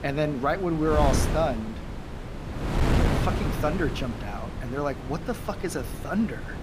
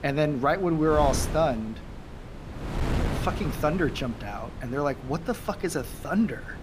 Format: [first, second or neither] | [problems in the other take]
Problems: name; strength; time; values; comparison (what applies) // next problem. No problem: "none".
second | wind noise on the microphone; heavy; 6 dB below the speech; occasional gusts in the second